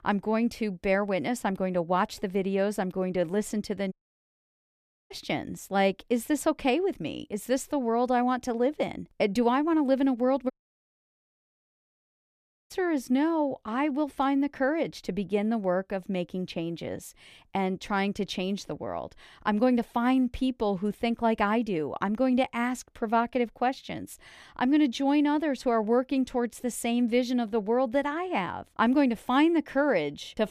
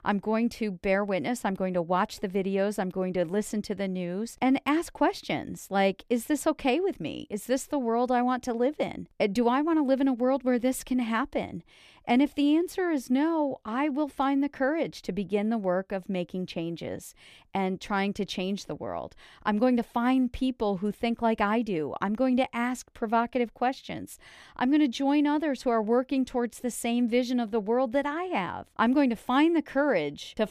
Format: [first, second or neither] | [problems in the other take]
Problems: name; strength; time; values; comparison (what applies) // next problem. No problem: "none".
second | audio cutting out; at 4 s for 1 s and at 11 s for 2 s